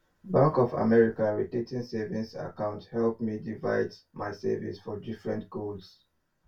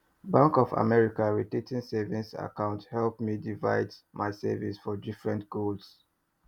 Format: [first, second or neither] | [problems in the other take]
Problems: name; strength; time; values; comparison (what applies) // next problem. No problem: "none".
second | room echo; dies away in 0.2 s